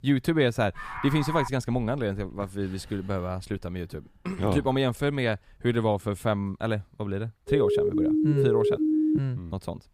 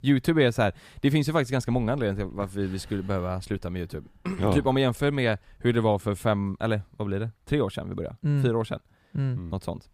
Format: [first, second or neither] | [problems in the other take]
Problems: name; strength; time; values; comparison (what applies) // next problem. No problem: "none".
second | dog barking; noticeable; at 1 s; peak 5 dB below the speech // siren; loud; from 7.5 to 9 s; peak 5 dB above the speech